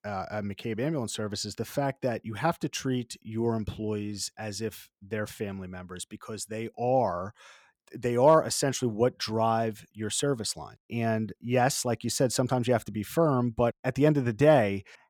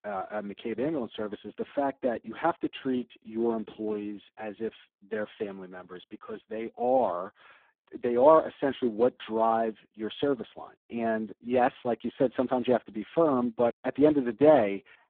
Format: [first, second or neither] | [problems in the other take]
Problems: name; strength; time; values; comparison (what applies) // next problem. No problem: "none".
first | phone-call audio; poor line